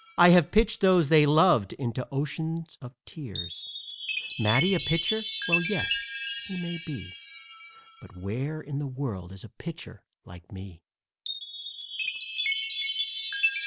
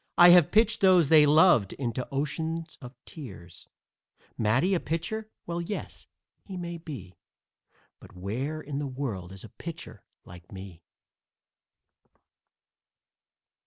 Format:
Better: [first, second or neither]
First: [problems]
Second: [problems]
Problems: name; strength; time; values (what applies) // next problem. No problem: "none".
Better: second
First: background sound (Chime); 6 dB below the speech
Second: none